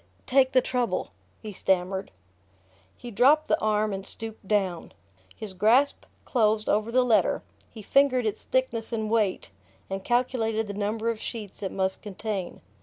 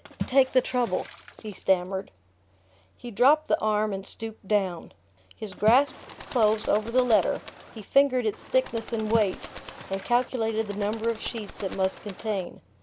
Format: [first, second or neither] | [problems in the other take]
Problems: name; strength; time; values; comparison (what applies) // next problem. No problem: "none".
first | background sound (Bird + Water / Splash, splatter); 13 dB below the speech